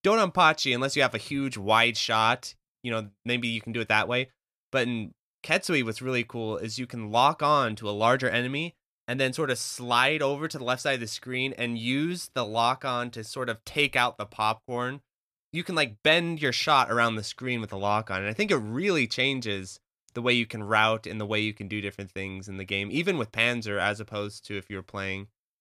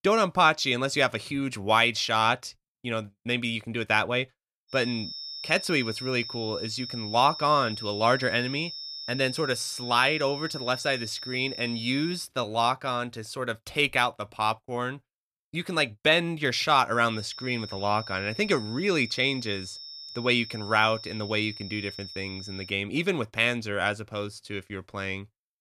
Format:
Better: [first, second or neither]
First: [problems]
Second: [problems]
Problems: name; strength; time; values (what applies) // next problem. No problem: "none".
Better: first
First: none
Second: high-pitched whine; noticeable; from 4.5 to 12 s and from 17 to 23 s; 5.5 kHz, 10 dB below the speech